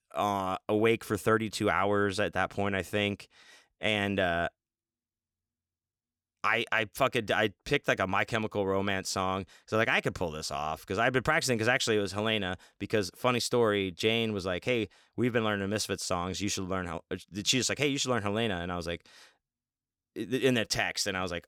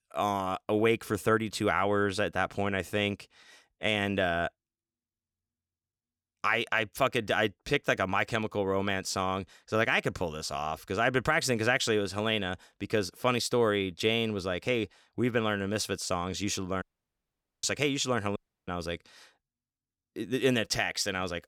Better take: first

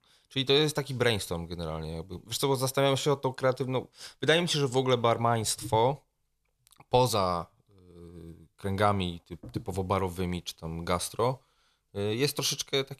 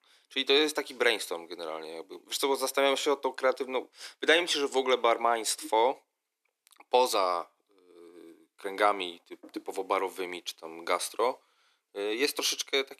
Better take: first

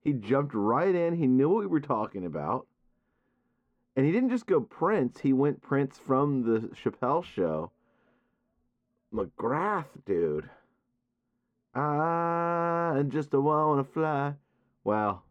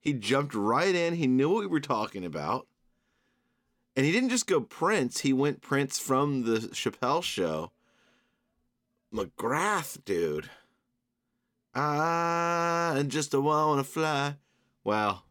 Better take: second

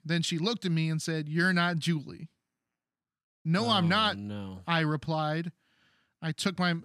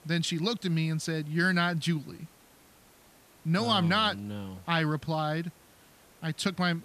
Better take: first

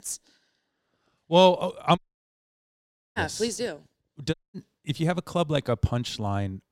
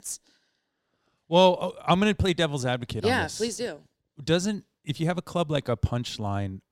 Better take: second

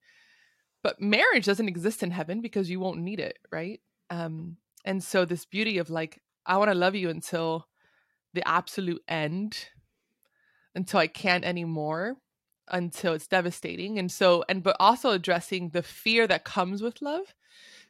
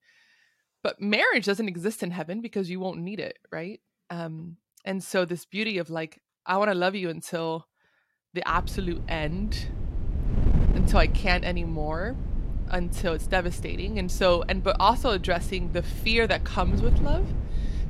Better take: first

